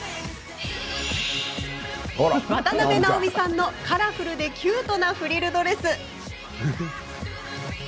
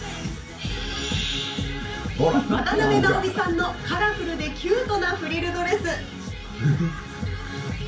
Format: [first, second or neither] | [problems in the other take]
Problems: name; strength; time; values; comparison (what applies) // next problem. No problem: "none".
first | room echo; dies away in 0.3 s